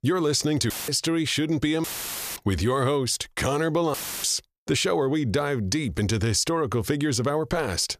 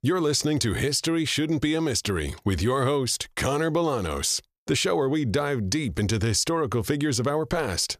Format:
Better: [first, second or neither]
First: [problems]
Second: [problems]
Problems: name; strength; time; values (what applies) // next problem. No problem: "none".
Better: second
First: audio cutting out; filled with static; at 0.5 s, at 2 s for 0.5 s and at 4 s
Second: none